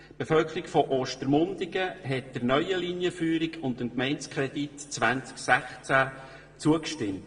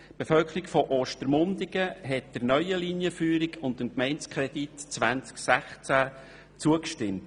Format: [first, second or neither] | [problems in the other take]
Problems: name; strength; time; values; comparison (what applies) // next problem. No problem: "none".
second | room echo; dies away in 1.1 s